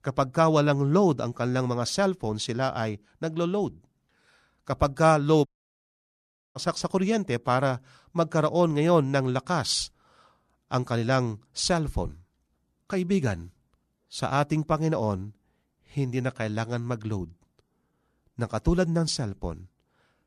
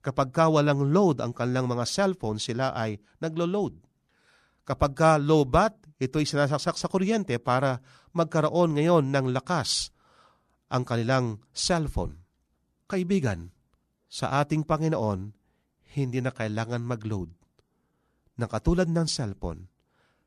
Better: second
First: audio cutting out; at 5.5 s for 1 s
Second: none

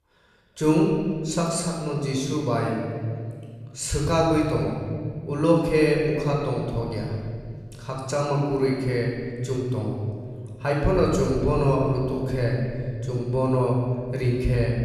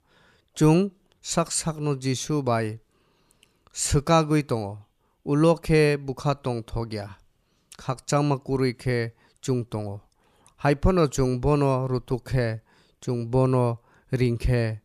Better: second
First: off-mic speech; somewhat distant // room echo; noticeable; dies away in 2.1 s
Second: none

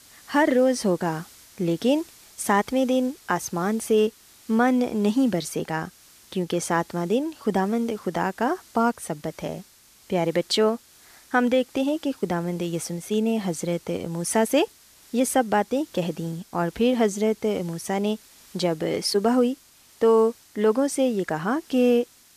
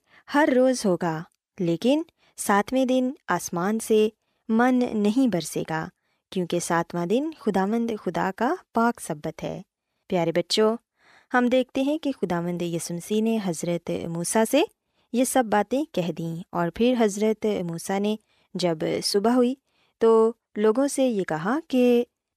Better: second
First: hiss; faint; throughout; 25 dB below the speech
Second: none

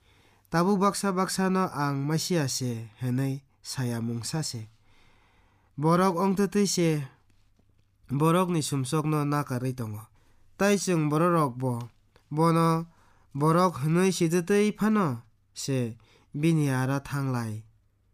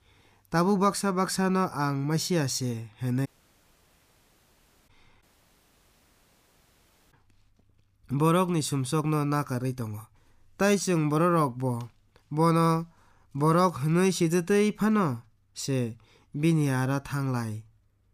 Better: first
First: none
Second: audio cutting out; at 3.5 s for 1.5 s and at 5 s for 2 s

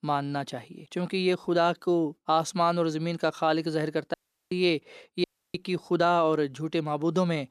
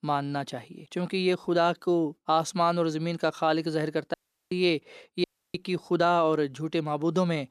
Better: neither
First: audio cutting out; at 4 s and at 5 s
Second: audio cutting out; at 4 s and at 5 s

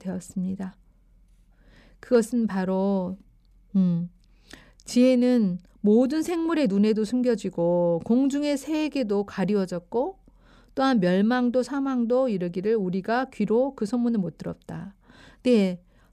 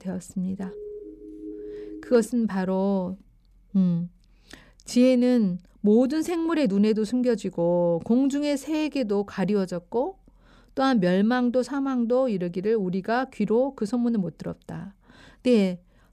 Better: first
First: none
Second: siren; faint; from 0.5 to 2.5 s; peak 15 dB below the speech

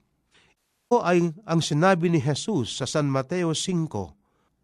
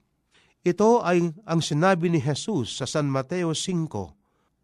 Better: second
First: audio cutting out; at 0.5 s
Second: none

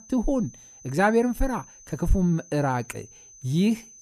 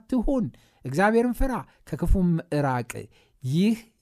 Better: second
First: high-pitched whine; faint; throughout; 6 kHz, 20 dB below the speech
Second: none

